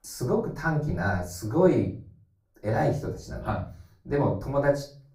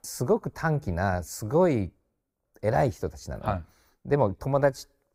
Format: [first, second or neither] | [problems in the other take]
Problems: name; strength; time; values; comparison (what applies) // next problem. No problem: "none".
second | off-mic speech; far // room echo; slight; dies away in 0.3 s